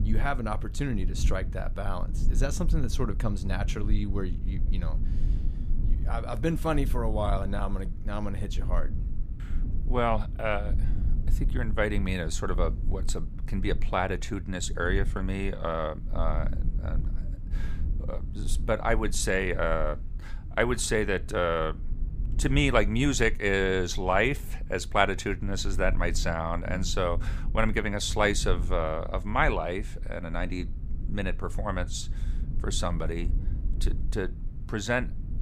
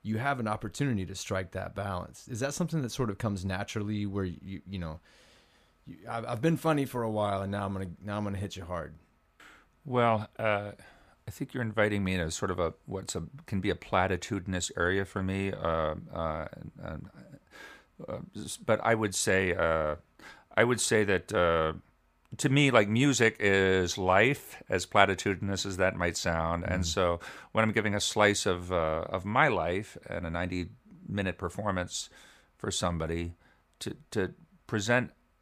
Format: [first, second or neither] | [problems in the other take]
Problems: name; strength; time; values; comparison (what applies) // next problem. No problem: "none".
second | low rumble; faint; throughout; 20 dB below the speech